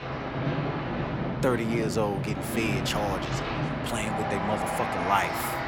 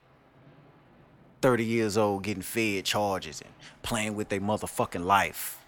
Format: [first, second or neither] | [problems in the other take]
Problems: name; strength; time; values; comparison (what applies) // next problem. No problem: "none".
second | train or aircraft noise; loud; throughout; 1 dB below the speech; faint in the second